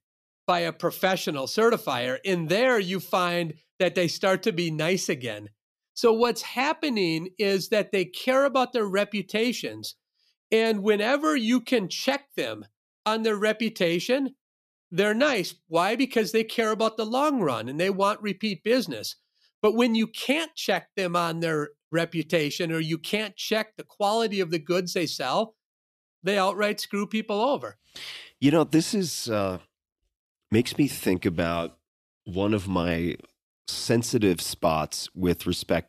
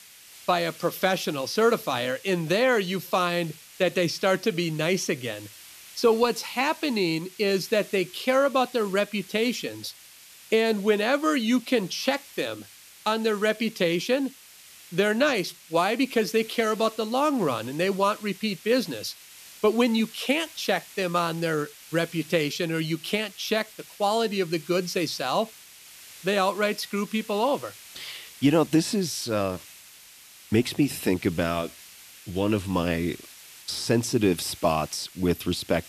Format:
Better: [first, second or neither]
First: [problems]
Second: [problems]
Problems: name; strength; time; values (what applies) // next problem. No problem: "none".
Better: first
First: none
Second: hiss; noticeable; throughout; 20 dB below the speech